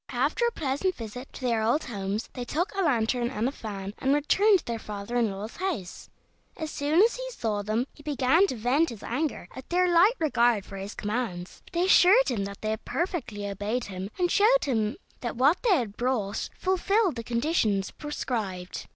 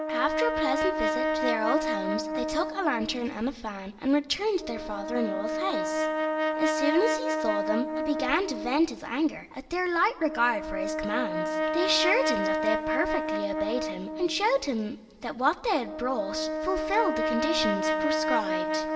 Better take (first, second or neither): first